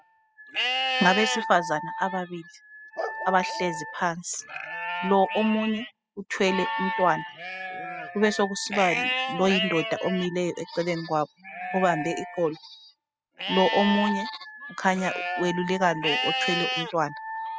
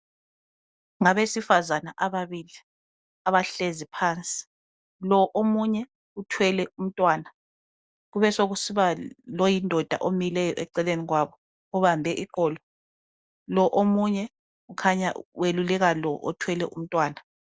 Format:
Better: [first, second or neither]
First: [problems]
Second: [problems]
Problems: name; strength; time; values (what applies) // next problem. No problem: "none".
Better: second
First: noise reduction (classical method spectral subtraction)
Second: none